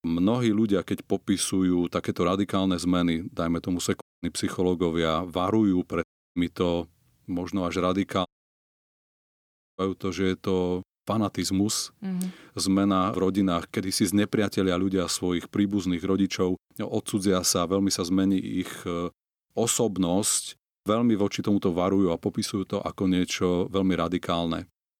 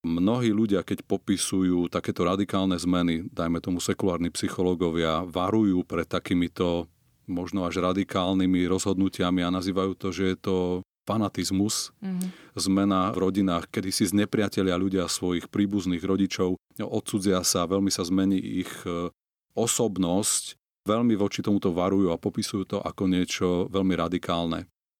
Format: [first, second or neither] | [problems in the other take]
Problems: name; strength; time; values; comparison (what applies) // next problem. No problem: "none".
second | audio cutting out; at 4 s, at 6 s and at 8.5 s for 1.5 s